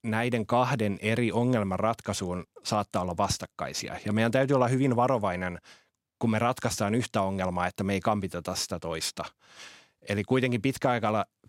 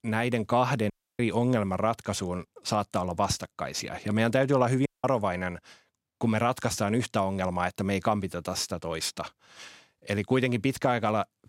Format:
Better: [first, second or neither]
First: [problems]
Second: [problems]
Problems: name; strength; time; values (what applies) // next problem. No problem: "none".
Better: first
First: none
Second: audio cutting out; at 1 s and at 5 s